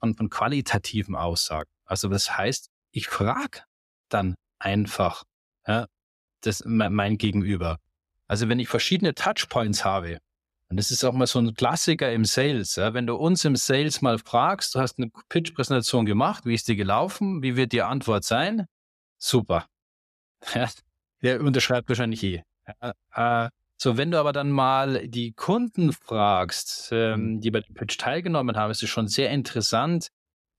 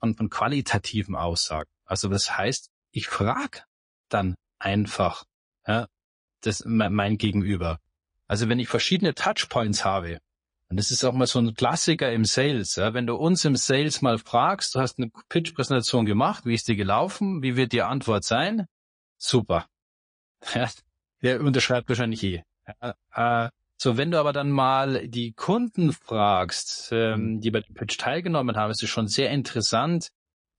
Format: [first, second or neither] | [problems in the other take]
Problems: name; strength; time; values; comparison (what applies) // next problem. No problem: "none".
first | garbled, watery; slightly